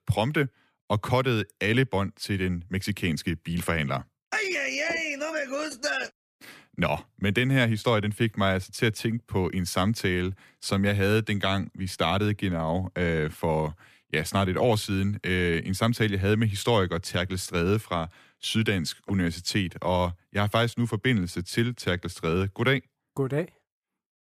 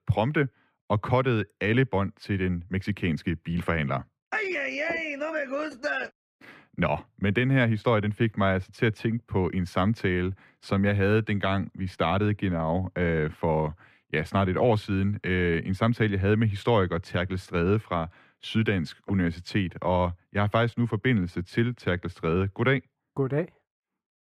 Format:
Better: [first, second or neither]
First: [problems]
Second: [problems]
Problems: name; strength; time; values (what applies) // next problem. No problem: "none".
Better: first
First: none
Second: muffled; slightly; fading above 4 kHz